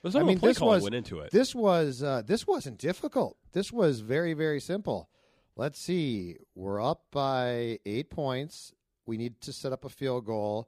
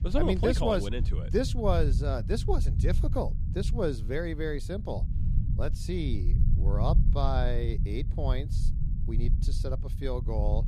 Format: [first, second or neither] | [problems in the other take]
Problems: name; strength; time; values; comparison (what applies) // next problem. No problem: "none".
first | low rumble; noticeable; throughout; 15 dB below the speech